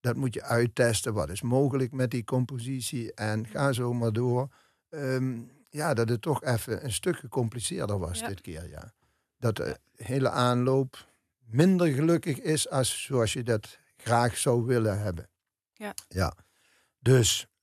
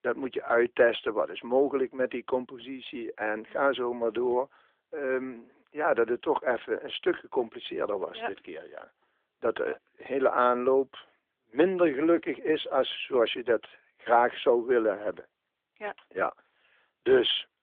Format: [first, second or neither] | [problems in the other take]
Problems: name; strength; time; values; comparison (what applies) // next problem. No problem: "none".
first | phone-call audio; nothing above 3.5 kHz